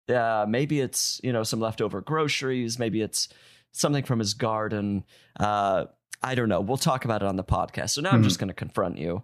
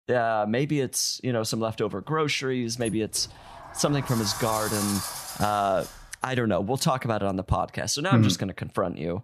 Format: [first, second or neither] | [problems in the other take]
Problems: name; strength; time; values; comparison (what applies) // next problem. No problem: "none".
first | door banging; noticeable; from 3 to 6 s; peak 3 dB below the speech